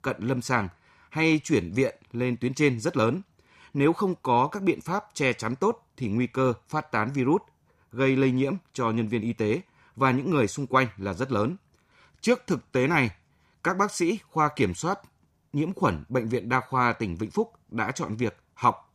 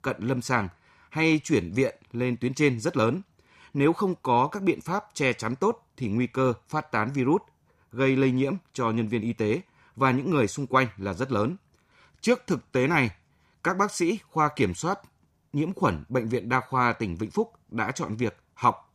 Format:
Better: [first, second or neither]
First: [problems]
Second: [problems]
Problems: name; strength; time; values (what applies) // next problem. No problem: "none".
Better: neither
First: none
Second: none